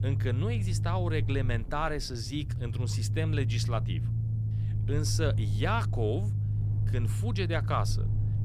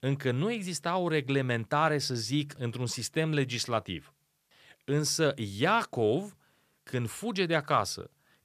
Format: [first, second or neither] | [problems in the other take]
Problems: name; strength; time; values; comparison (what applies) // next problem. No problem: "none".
second | low rumble; loud; throughout; 9 dB below the speech